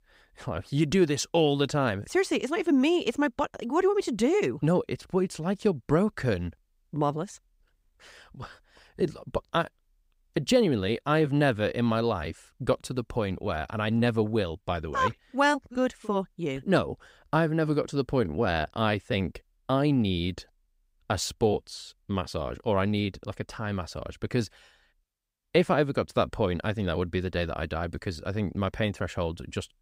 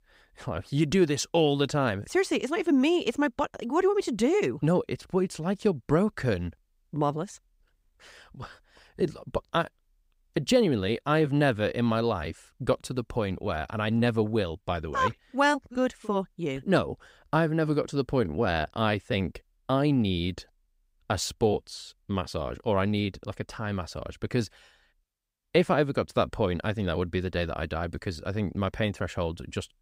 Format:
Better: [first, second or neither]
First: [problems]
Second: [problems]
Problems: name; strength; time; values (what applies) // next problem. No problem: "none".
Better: neither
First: none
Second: none